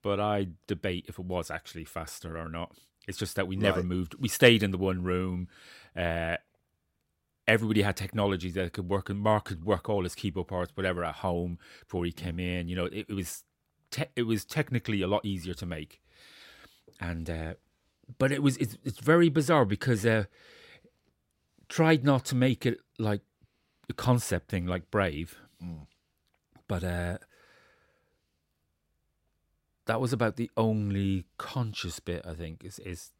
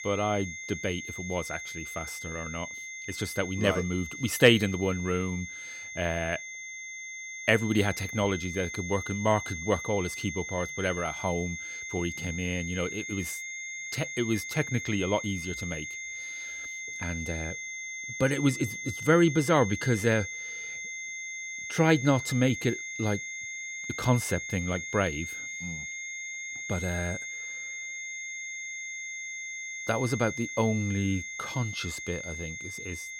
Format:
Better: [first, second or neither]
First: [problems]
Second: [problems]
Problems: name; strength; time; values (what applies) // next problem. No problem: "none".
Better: first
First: none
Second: high-pitched whine; loud; throughout; 2 kHz, 7 dB below the speech